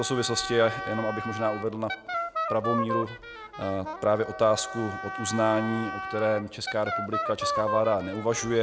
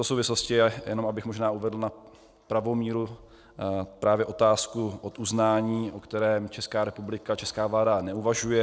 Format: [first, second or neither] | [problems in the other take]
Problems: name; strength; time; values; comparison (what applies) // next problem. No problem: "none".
second | background sound (Wind instrument, woodwind instrument); 6 dB below the speech